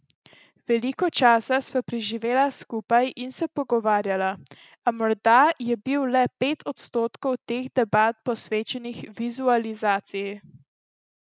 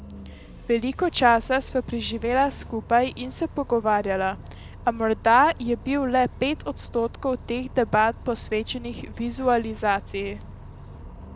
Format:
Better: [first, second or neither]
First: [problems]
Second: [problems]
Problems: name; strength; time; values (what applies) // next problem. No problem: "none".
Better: first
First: none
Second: background sound (Bus); 15 dB below the speech